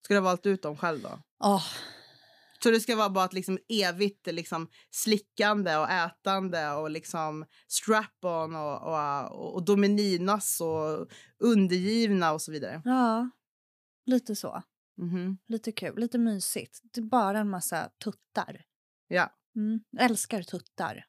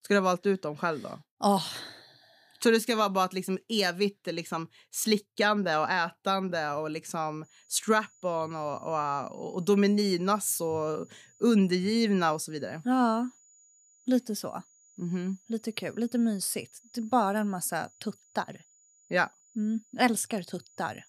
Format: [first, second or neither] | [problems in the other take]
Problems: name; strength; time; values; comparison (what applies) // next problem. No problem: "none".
first | high-pitched whine; faint; from 7.5 s on; 7 kHz, 30 dB below the speech